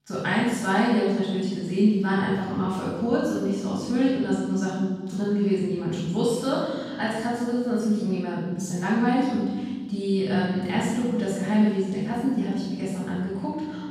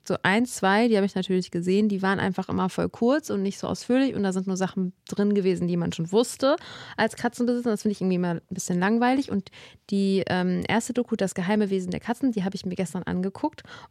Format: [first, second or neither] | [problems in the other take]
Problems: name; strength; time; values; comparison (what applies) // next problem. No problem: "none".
second | off-mic speech; far // room echo; strong; dies away in 1.5 s